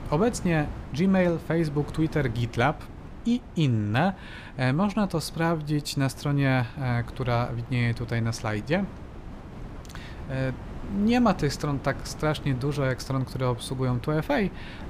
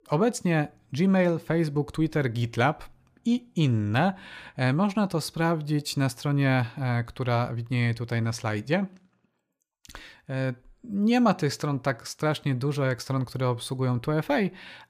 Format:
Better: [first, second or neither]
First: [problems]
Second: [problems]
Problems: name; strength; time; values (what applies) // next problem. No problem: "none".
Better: second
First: wind noise on the microphone; occasional gusts; 15 dB below the speech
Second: none